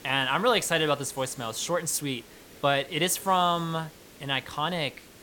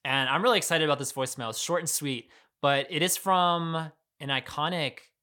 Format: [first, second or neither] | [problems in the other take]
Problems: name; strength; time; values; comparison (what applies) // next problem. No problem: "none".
second | hiss; faint; throughout; 20 dB below the speech